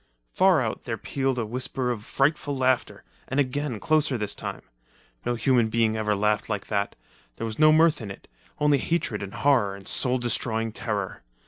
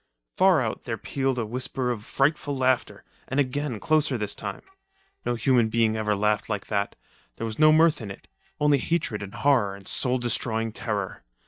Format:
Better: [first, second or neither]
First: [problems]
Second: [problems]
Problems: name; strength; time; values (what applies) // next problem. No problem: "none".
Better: first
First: none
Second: noise reduction (neural mask model DeepFilterNet 3)